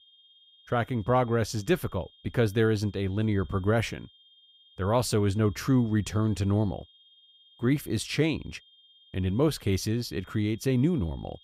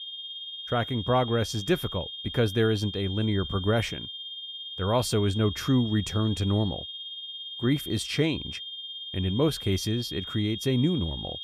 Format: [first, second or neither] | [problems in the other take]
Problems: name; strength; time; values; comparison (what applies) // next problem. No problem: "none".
first | high-pitched whine; loud; throughout; 3 kHz, 8 dB below the speech; faint in the first